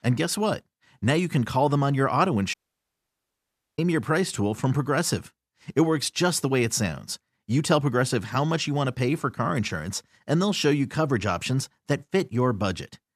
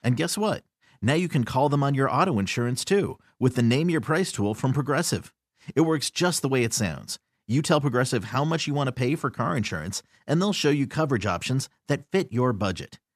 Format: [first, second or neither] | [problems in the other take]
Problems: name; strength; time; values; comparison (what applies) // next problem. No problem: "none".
second | audio cutting out; at 2.5 s for 1 s